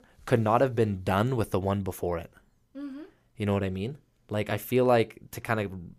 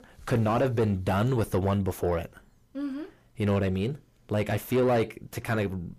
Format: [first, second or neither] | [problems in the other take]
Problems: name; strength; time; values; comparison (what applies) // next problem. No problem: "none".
first | distortion; heavy; 7 dB below the speech